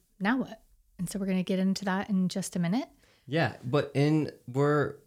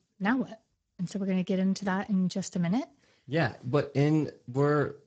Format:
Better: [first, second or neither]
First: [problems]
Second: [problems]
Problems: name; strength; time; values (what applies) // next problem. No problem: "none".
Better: first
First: none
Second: garbled, watery; badly; nothing above 7.5 kHz